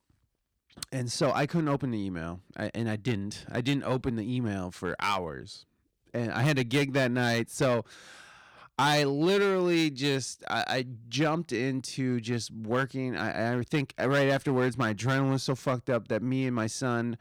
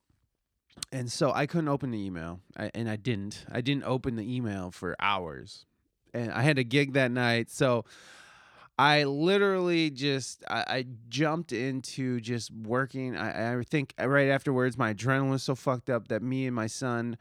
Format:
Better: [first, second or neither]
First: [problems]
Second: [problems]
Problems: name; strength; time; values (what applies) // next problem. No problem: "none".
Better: second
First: distortion; slight; 5% of the sound clipped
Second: none